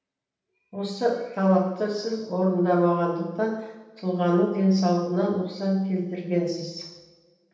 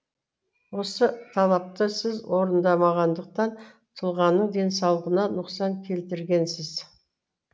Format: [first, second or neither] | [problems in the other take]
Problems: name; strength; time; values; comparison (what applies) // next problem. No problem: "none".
second | room echo; dies away in 0.9 s